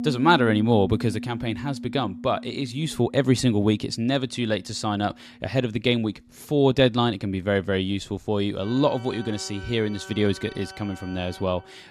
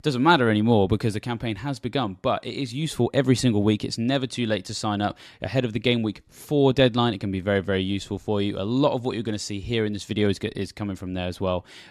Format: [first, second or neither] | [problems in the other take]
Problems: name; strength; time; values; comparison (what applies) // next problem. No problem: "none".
second | background music; noticeable; throughout; 15 dB below the speech